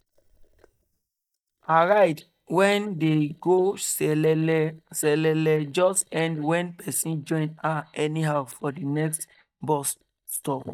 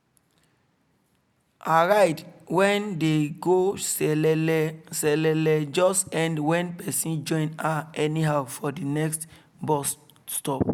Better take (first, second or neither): second